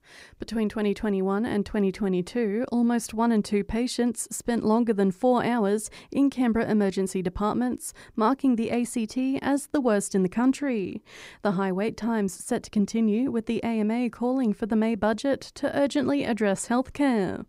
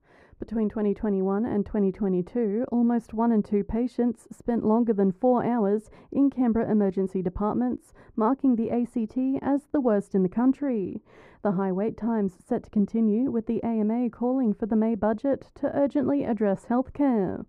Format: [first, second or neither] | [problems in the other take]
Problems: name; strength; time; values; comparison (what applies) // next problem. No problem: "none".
first | muffled; very; fading above 2 kHz